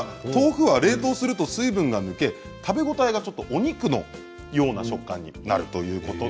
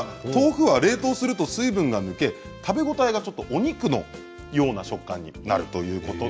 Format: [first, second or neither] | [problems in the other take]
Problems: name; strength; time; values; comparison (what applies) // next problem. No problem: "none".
second | background sound (Brass instrument); 12 dB below the speech